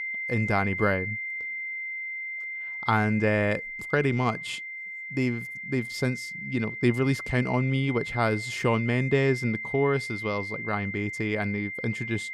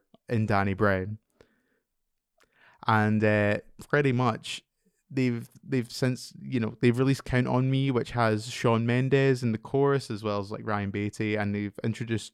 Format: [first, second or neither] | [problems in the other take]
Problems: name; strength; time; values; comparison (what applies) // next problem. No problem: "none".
second | high-pitched whine; loud; throughout; 2 kHz, 6 dB below the speech